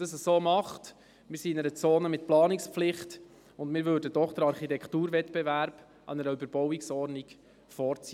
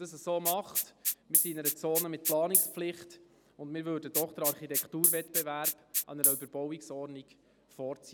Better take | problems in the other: first | background sound (Rattle (instrument)); 3 dB above the speech

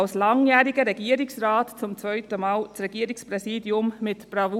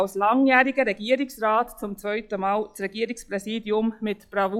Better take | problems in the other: first | noise reduction (classical method log-MMSE)

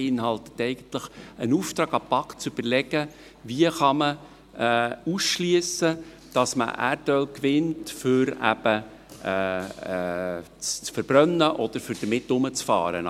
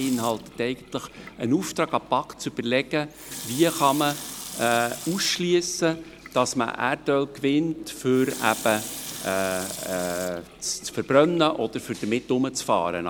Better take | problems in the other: first | background sound (Sink (filling or washing) / Water tap, faucet); 15 dB below the speech

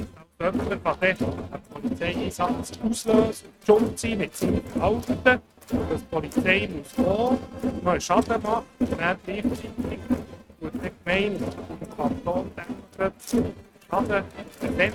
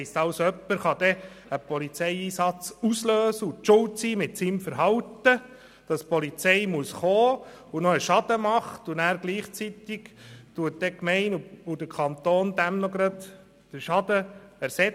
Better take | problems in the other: second | noise reduction (neural mask model RNNoise)

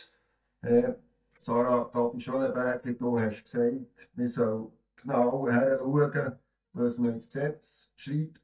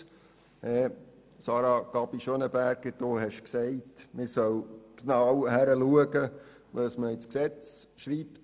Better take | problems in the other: second | noise reduction (neural mask model DeepFilterNet 3)

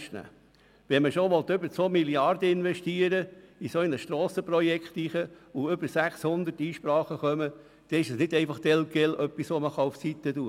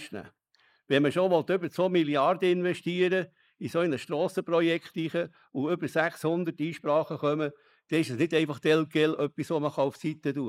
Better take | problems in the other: first | noise reduction (neural mask model Resemble Enhance denoiser)

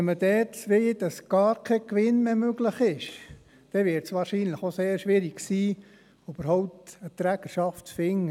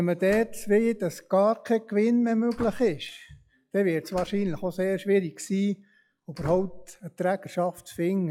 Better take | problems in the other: first | noise reduction (classical method log-MMSE)

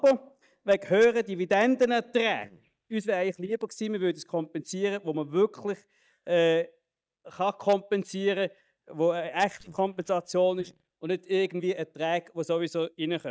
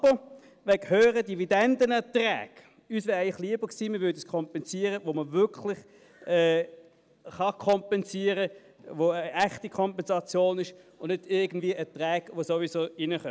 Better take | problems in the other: second | noise reduction (neural mask model DeepFilterNet 3)

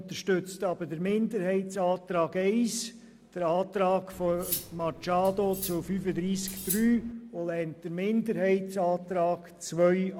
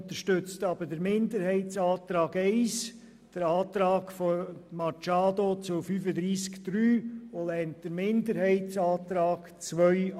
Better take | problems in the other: second | background sound (Cutlery, silverware); 11 dB below the speech

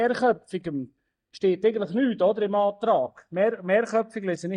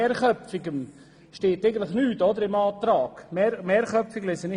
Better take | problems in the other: second | noise reduction (neural mask model DeepFilterNet 3)

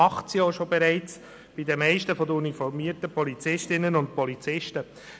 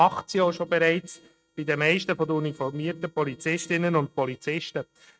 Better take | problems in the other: first | noise reduction (neural mask model RNNoise)

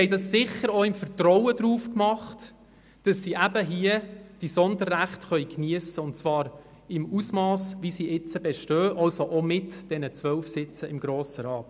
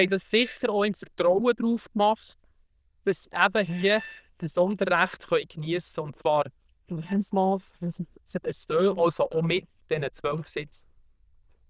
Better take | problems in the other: first | noise reduction (neural diffusion model UNIVERSE++)

